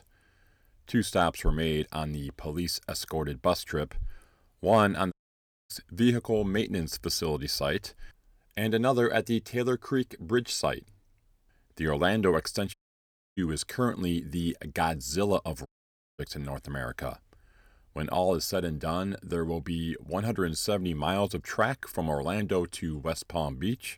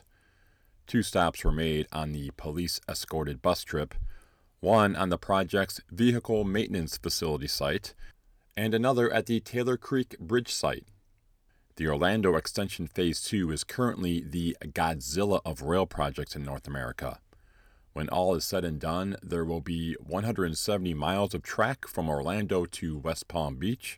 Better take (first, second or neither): second